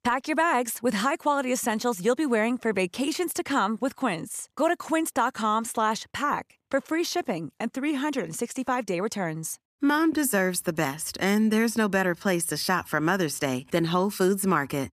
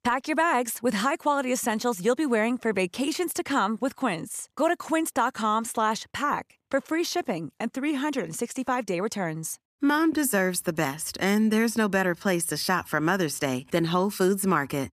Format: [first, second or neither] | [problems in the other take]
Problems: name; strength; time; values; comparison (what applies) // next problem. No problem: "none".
neither | none